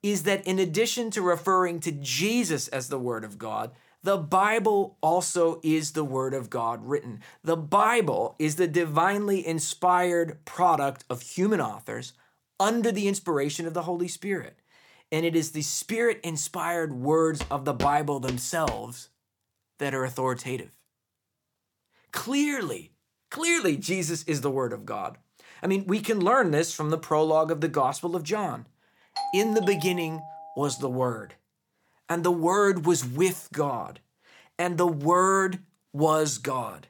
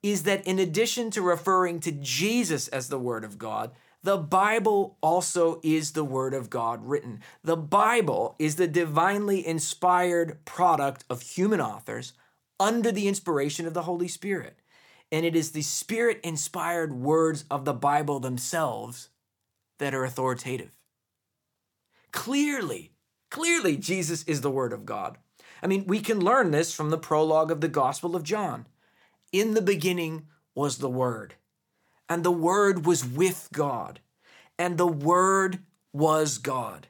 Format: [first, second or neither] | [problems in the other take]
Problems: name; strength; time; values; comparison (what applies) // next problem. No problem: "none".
second | footsteps; noticeable; from 17 to 19 s; peak 8 dB below the speech // doorbell; noticeable; from 29 to 31 s; peak 6 dB below the speech